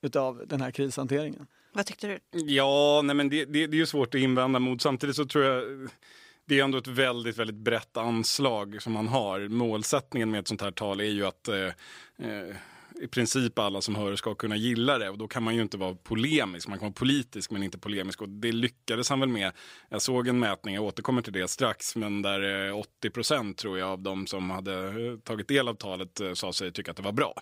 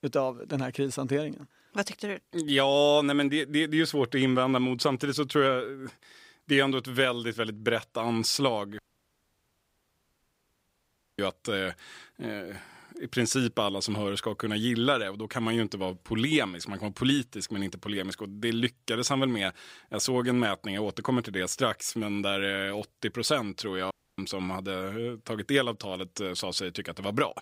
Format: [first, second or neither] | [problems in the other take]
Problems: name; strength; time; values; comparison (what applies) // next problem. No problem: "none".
first | audio cutting out; at 9 s for 2.5 s and at 24 s